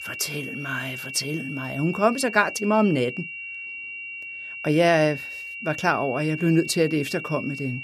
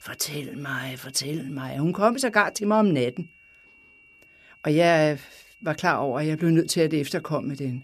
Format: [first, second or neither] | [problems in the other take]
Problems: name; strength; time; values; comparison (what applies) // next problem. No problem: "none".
second | high-pitched whine; loud; throughout; 2.5 kHz, 9 dB below the speech; faint in the second